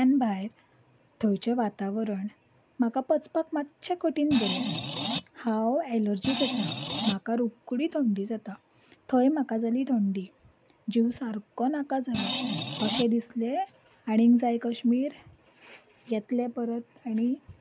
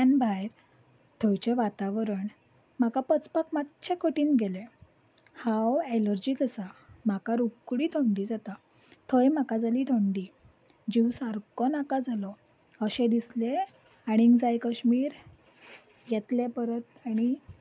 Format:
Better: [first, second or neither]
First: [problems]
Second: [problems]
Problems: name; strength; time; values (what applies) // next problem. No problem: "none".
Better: second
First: background sound (Screech); 3 dB below the speech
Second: none